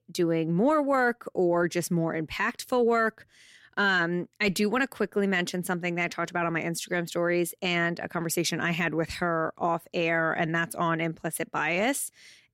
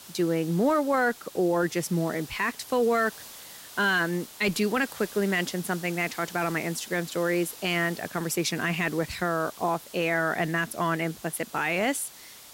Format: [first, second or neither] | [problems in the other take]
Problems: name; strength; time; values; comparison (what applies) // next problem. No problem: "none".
first | hiss; noticeable; throughout; 15 dB below the speech